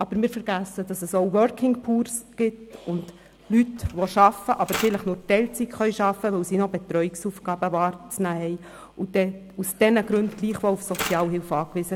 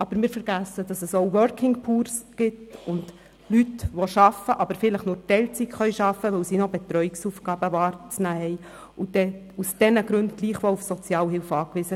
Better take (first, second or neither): second